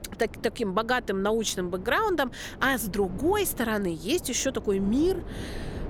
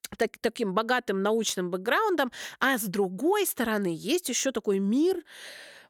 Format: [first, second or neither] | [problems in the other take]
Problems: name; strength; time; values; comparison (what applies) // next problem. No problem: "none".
second | wind noise on the microphone; occasional gusts; 20 dB below the speech